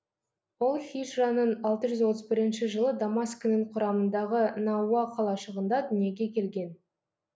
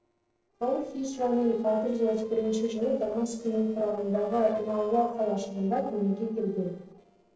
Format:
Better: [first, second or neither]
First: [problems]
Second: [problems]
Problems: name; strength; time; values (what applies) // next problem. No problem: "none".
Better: first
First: none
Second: noise reduction (neural separator model SepFormer DNS4)